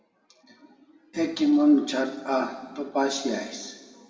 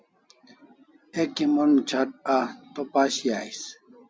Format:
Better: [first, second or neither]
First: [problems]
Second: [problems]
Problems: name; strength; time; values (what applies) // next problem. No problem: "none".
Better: second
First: room echo; dies away in 1.6 s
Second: none